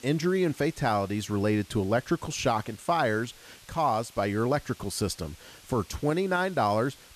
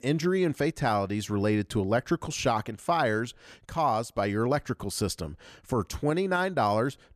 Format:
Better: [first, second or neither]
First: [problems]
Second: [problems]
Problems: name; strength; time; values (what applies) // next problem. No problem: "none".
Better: second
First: hiss; faint; throughout; 25 dB below the speech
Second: none